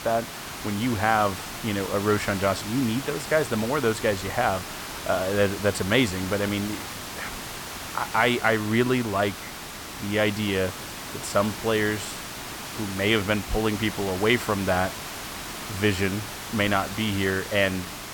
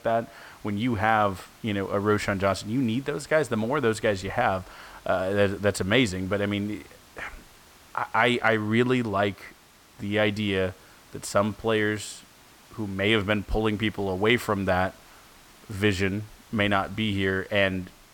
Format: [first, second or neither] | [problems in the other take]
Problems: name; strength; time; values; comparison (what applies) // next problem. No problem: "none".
second | hiss; loud; throughout; 9 dB below the speech; faint in the second